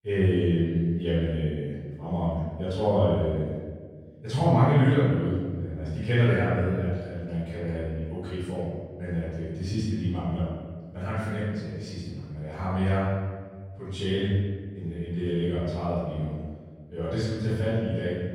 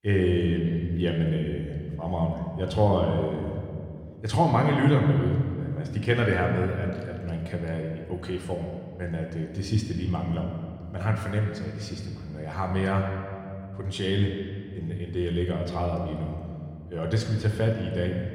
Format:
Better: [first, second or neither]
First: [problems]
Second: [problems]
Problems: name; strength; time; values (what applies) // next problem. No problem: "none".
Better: second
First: room echo; strong; dies away in 1.5 s // off-mic speech; far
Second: room echo; slight; dies away in 1.9 s